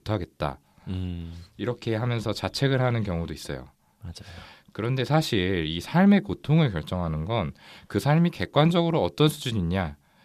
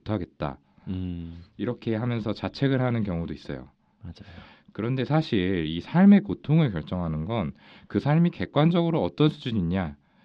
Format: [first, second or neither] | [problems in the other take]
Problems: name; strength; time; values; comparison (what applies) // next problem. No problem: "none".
first | muffled; very slightly; fading above 4 kHz